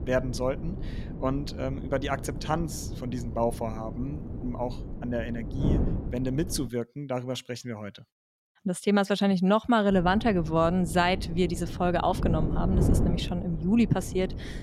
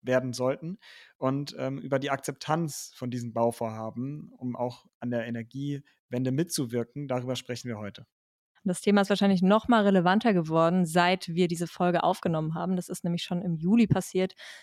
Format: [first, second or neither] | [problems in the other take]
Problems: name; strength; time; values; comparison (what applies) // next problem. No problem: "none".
second | wind noise on the microphone; occasional gusts; until 6.5 s and from 10 s on; 10 dB below the speech